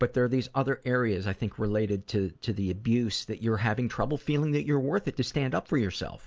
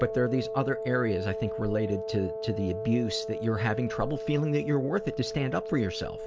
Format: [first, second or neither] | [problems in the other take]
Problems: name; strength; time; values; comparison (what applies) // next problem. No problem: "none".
first | background sound (Wind instrument, woodwind instrument); 6 dB below the speech